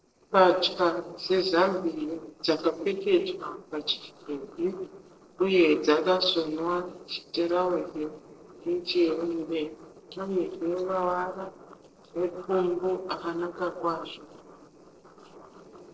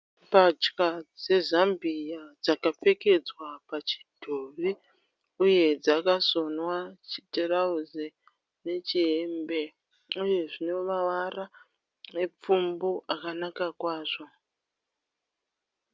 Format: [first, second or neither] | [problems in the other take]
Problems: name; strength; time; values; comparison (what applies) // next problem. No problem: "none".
second | noise reduction (neural separator model SepFormer DNS4)